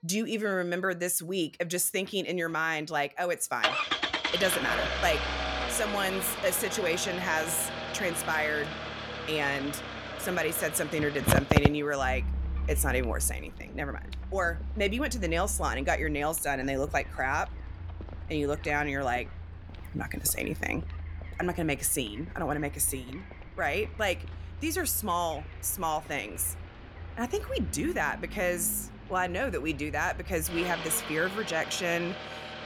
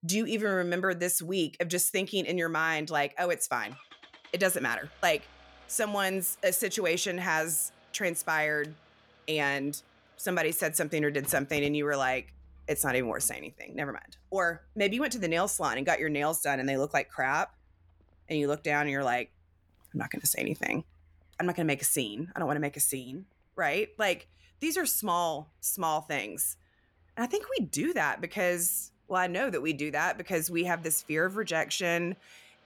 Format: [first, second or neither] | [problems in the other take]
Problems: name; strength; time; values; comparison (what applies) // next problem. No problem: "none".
second | traffic noise; loud; throughout; 5 dB below the speech; faint in the second